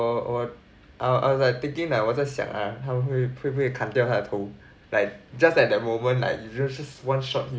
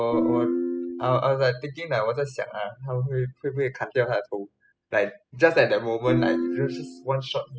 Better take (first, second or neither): first